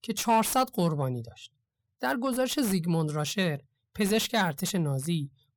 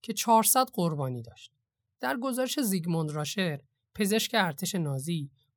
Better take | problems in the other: second | distortion; slight; 10 dB below the speech

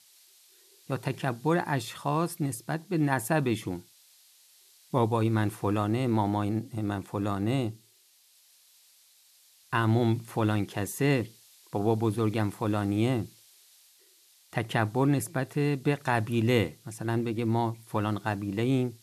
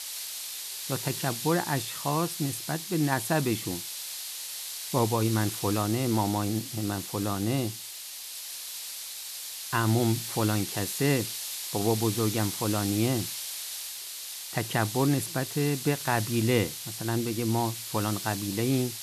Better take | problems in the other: first | hiss; loud; throughout; 5 dB below the speech; faint in the first

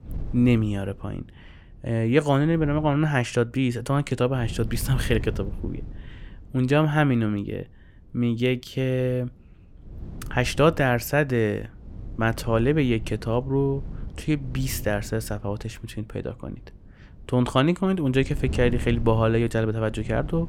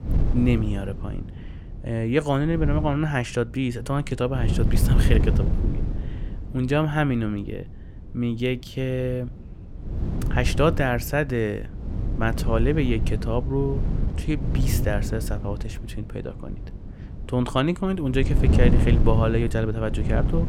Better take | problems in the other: first | wind noise on the microphone; heavy; 9 dB below the speech; occasional gusts in the first

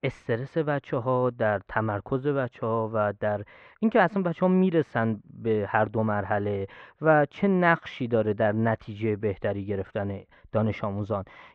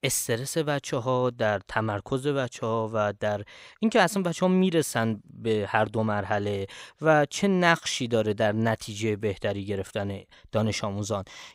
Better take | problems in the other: second | muffled; very; fading above 2 kHz

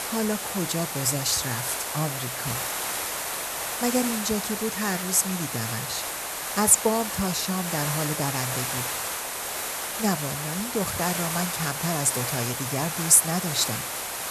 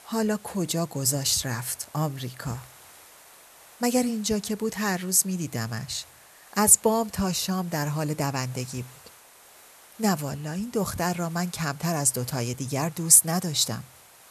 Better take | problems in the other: second | hiss; loud; throughout; 3 dB below the speech; faint in the second

